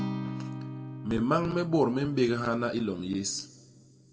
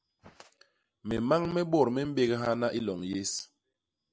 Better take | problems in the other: second | background sound (Acoustic guitar); 10 dB below the speech // room echo; dies away in 1 s

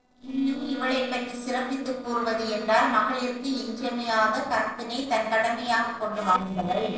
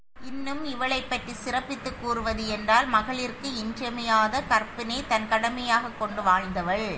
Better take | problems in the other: second | noise reduction (neural separator model SepFormer DNS4)

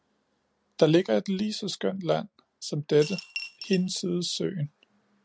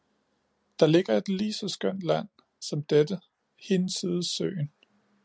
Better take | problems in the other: second | background sound (Coin (dropping) / Glass); 11 dB below the speech

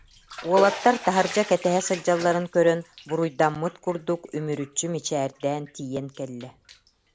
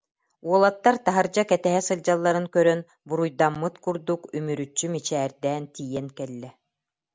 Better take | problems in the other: second | background sound (Bathtub (filling or washing)); 14 dB below the speech

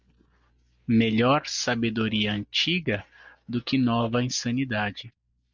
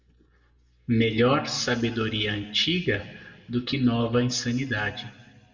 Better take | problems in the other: first | room echo; dies away in 1.3 s

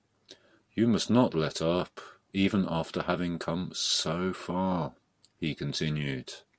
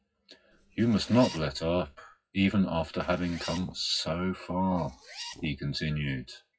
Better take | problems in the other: first | noise reduction (classical method WPE with log-MMSE)

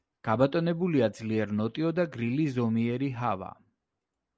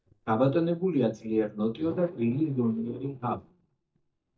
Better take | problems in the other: first | noise reduction (neural mask model DeepFilterNet 3)

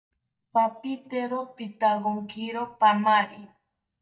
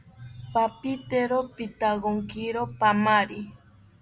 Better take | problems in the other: second | noise reduction (neural mask model DeepFilterNet 3)

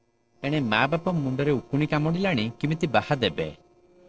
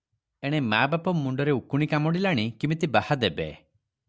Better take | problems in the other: second | noise reduction (neural separator model SepFormer DNS4)

